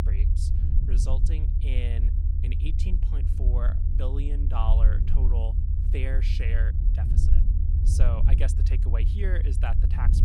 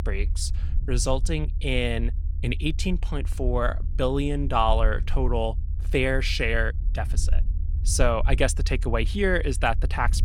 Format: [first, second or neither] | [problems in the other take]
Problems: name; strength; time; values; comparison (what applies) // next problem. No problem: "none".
second | low rumble; loud; throughout; 4 dB below the speech; faint in the second